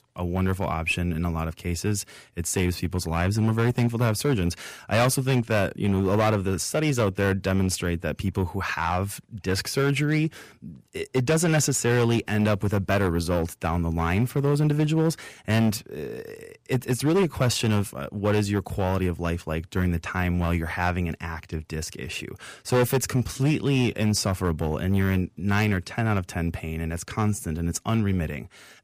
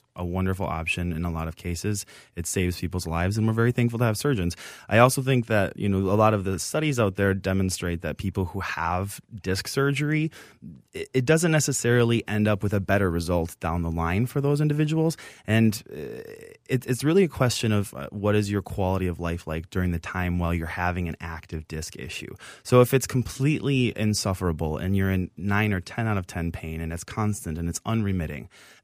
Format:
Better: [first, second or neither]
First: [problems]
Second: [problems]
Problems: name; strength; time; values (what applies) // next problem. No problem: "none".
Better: second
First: distortion; slight; 7% of the sound clipped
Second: none